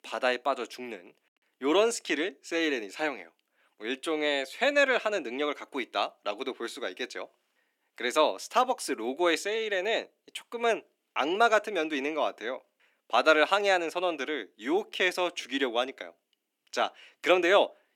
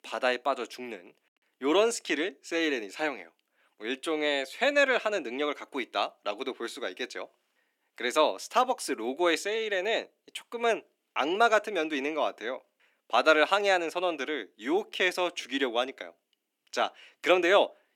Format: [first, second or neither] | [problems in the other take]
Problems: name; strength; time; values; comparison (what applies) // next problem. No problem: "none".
neither | thin; somewhat; fading below 300 Hz; the same in both